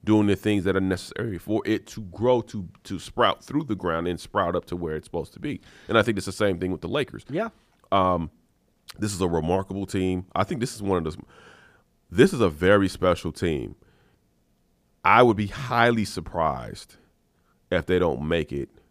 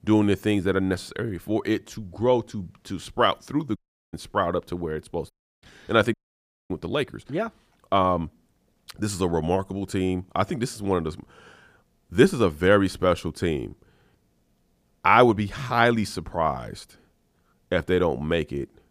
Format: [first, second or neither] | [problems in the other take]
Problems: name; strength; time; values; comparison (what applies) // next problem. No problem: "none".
first | audio cutting out; at 4 s, at 5.5 s and at 6 s for 0.5 s